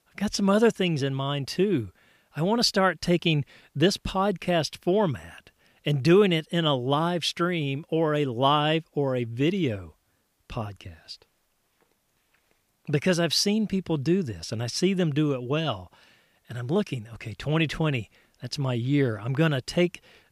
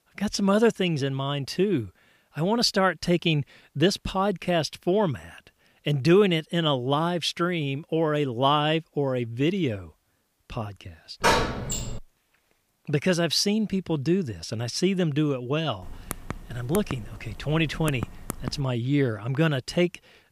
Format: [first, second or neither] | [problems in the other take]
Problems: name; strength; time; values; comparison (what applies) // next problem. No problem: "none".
first | door banging; loud; at 11 s; peak 3 dB above the speech // keyboard typing; faint; from 16 to 19 s; peak 10 dB below the speech